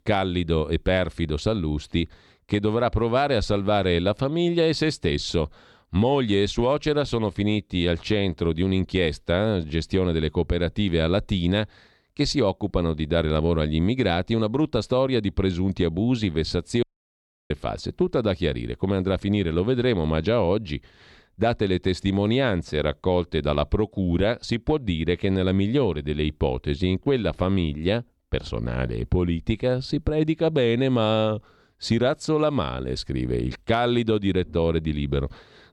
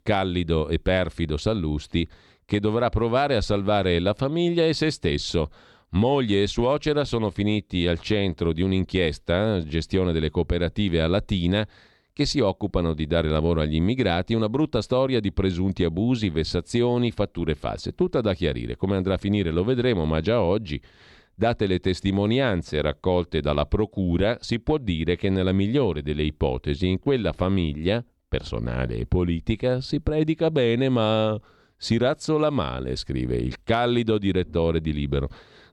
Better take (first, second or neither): second